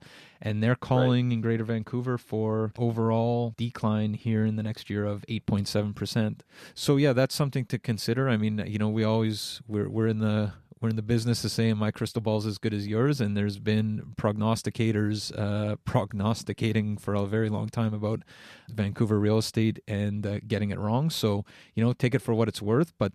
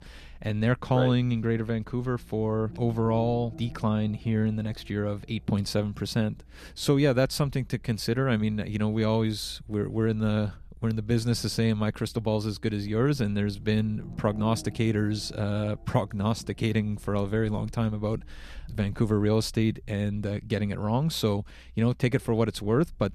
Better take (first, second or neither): first